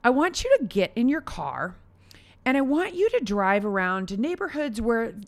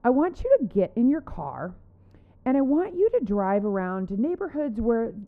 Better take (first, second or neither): first